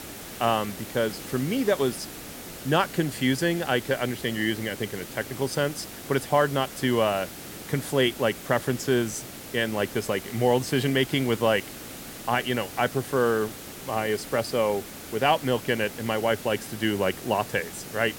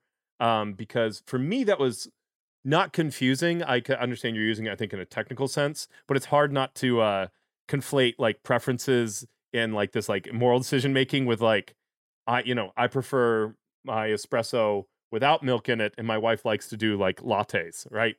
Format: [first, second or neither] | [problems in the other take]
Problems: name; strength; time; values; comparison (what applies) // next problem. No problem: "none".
second | hiss; noticeable; throughout; 10 dB below the speech